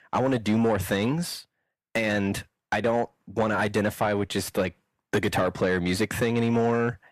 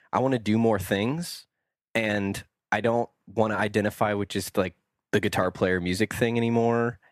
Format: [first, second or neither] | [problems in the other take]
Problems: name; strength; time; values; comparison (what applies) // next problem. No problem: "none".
second | distortion; slight; 10 dB below the speech